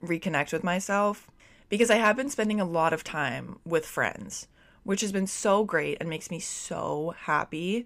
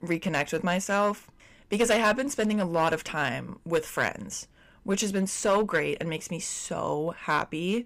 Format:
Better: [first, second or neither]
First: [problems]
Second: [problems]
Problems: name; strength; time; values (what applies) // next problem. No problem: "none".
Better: first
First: none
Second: distortion; slight; 4% of the sound clipped